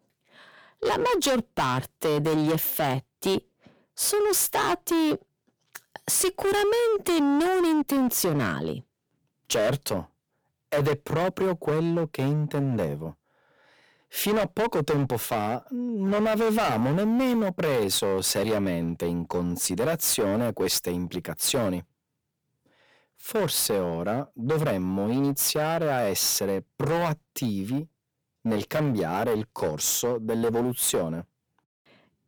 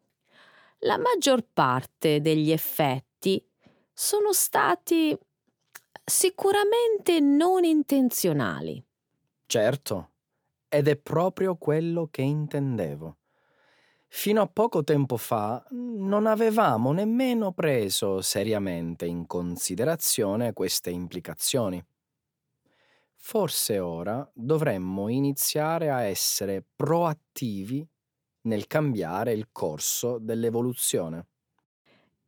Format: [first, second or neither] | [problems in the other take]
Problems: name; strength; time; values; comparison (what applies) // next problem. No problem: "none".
second | distortion; heavy; 16% of the sound clipped